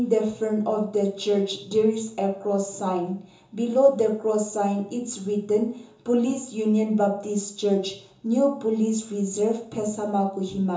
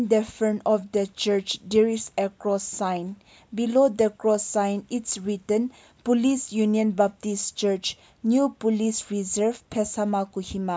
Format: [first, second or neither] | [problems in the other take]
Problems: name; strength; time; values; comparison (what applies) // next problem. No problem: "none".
second | room echo; dies away in 0.6 s